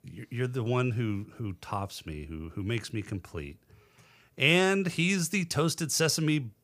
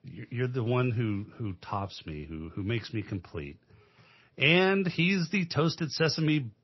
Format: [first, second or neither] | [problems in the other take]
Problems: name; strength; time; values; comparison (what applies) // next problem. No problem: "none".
first | garbled, watery; slightly; nothing above 5.5 kHz